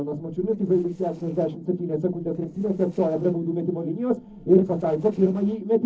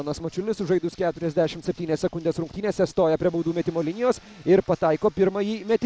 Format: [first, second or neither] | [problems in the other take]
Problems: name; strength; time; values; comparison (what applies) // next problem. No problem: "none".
second | noise reduction (neural separator model SepFormer DNS4)